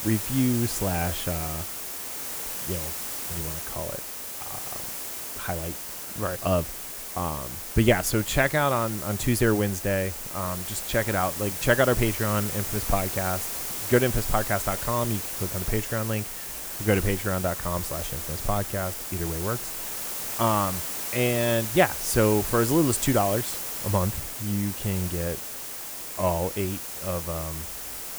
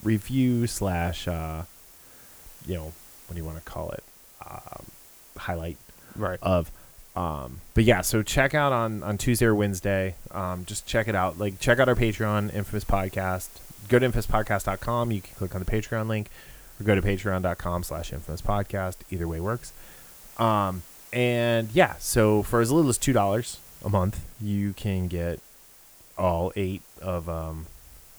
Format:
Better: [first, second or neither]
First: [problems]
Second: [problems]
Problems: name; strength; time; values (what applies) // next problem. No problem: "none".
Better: second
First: hiss; loud; throughout; 4 dB below the speech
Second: hiss; faint; throughout; 20 dB below the speech